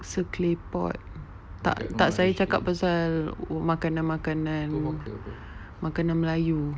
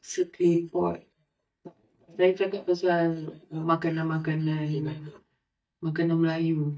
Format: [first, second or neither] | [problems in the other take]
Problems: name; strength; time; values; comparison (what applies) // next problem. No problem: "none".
first | noise reduction (neural mask model DeepFilterNet 3)